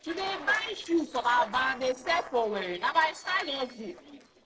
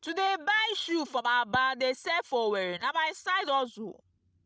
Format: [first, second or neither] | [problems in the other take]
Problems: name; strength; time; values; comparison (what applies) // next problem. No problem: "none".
second | noise reduction (neural separator model SepFormer DNS4)